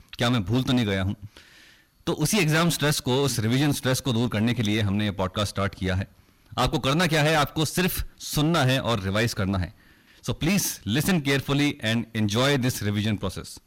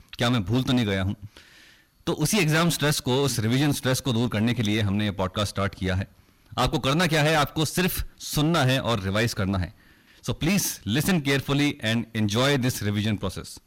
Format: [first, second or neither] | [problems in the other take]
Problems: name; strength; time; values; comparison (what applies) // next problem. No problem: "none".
neither | distortion; heavy; 13% of the sound clipped; the same in both